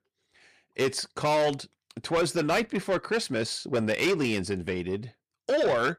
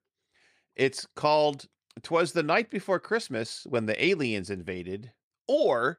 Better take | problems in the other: second | distortion; heavy; 8 dB below the speech

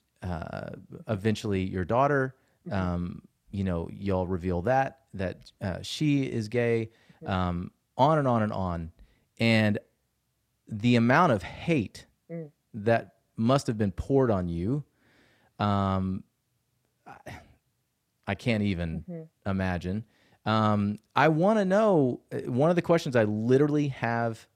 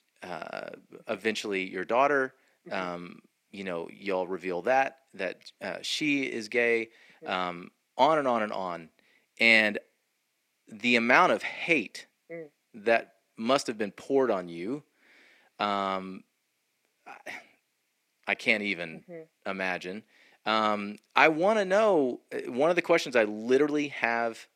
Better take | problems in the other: first | thin; somewhat; fading below 300 Hz

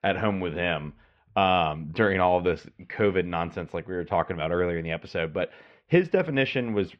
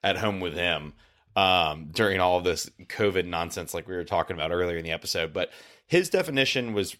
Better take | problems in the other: second | muffled; very; fading above 2.5 kHz

